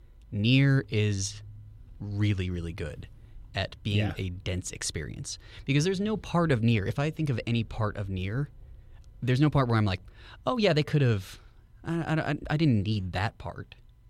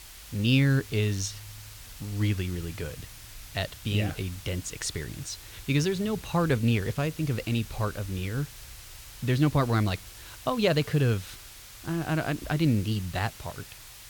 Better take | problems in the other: first | hiss; noticeable; throughout; 15 dB below the speech

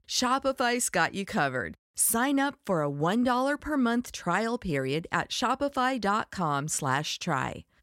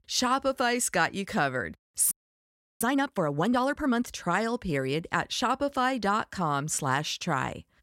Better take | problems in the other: first | audio freezing; at 2 s for 0.5 s

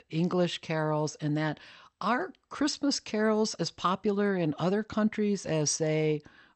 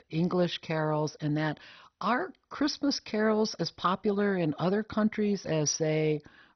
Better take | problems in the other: first | garbled, watery; badly; nothing above 6 kHz; slightly in the first

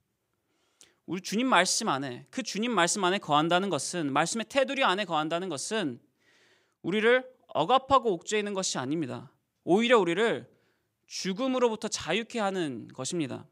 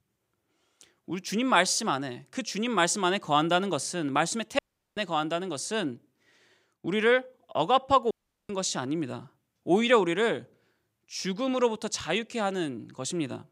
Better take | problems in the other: first | audio cutting out; at 4.5 s and at 8 s

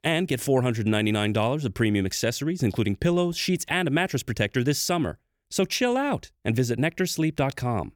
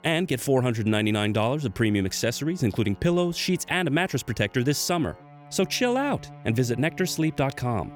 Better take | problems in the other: first | background music; faint; throughout; 25 dB below the speech

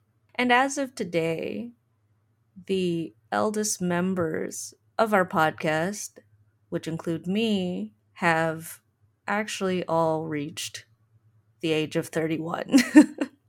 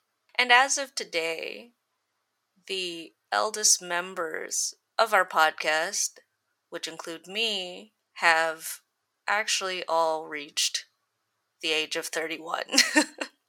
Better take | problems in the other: first | thin; very; fading below 700 Hz

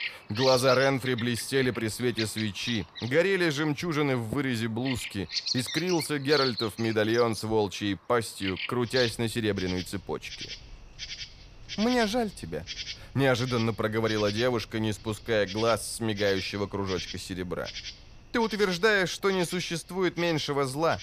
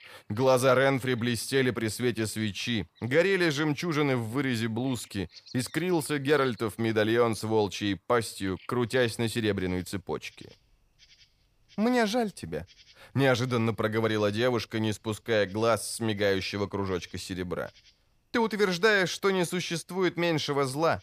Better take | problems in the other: second | animal sounds; loud; throughout; 9 dB below the speech; faint in the second

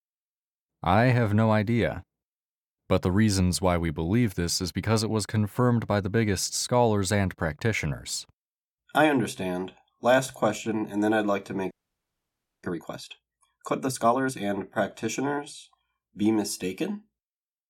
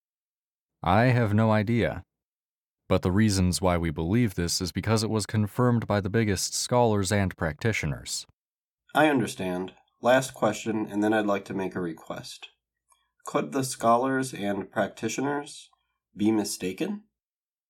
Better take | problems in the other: second | audio freezing; at 12 s for 1 s

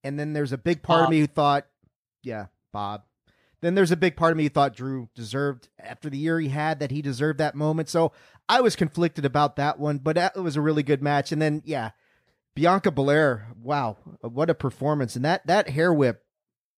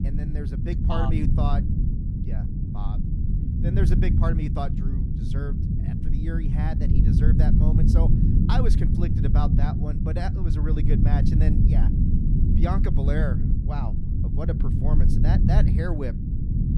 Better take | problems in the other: first | low rumble; loud; throughout; as loud as the speech

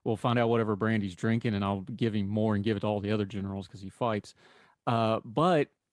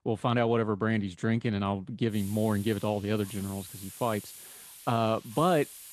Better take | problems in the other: first | hiss; noticeable; from 2 s on; 15 dB below the speech

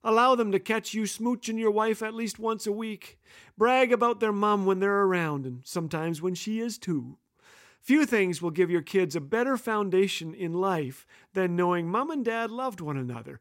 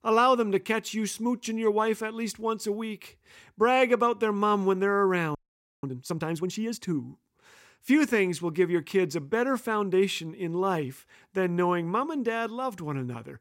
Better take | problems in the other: first | audio freezing; at 5.5 s

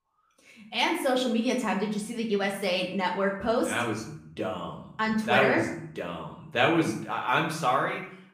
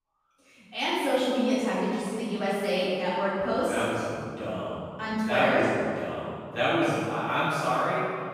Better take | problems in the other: first | room echo; strong; dies away in 1.9 s; slight in the first // off-mic speech; far; somewhat distant in the first

